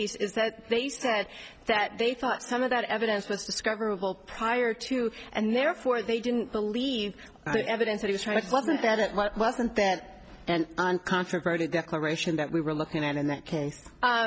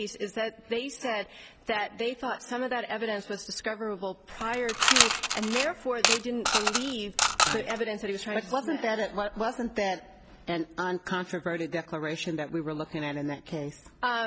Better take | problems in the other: first | background sound (Coin (dropping) / Mechanisms); 5 dB above the speech

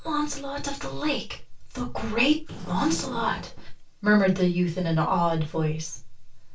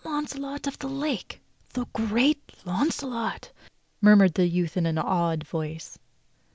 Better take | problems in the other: second | background sound (Fire); 17 dB below the speech // room echo; dies away in 0.2 s

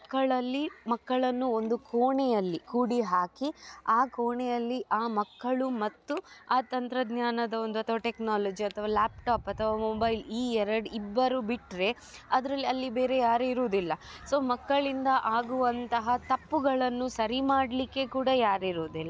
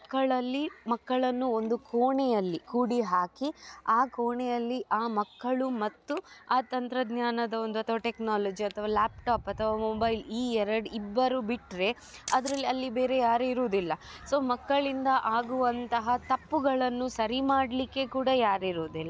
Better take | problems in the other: first | background sound (Camera); 16 dB below the speech

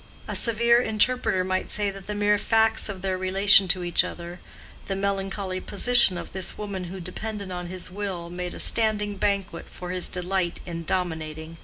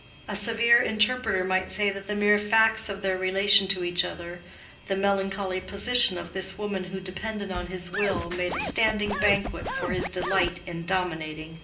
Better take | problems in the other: first | background sound (Scratching (performance technique)); 5 dB below the speech // room echo; dies away in 0.5 s

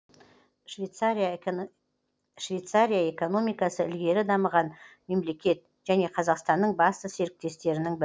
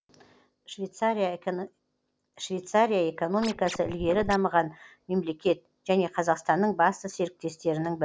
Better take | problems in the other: first | background sound (Scratching (performance technique)); 10 dB below the speech

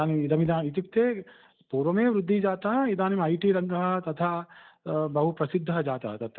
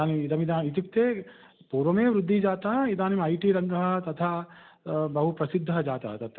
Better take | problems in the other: second | noise reduction (neural mask model DeepFilterNet 3)

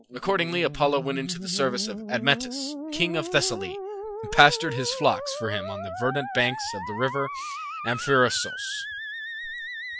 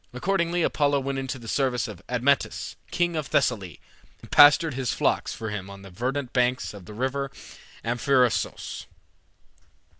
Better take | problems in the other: second | noise reduction (classical method Wiener filter)

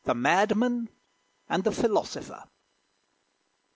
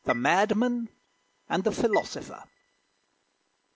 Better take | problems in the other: first | background sound (Chime); 15 dB below the speech

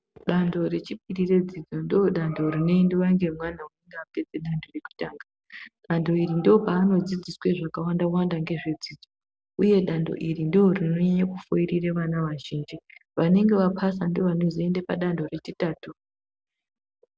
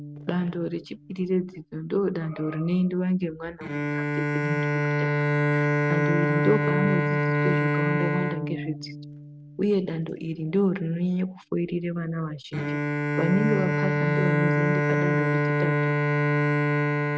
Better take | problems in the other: first | noise reduction (neural mask model RNNoise)

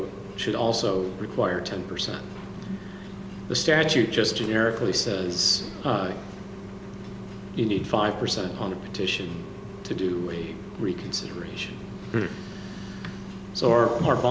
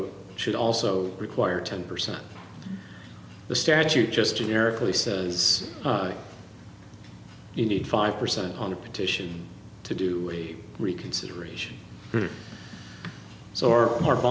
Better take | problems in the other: second | background sound (Engine); 12 dB below the speech

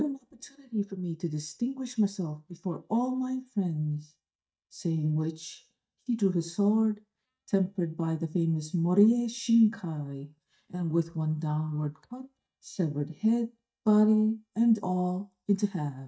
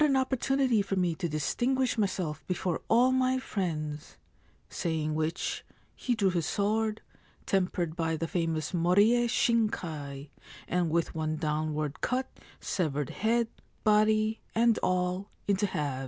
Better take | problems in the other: second | noise reduction (neural mask model DeepFilterNet 3)

